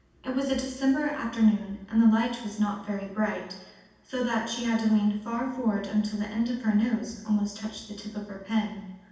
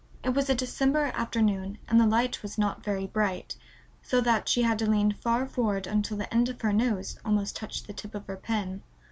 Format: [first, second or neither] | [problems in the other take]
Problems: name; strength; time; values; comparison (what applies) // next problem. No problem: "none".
second | room echo; dies away in 0.9 s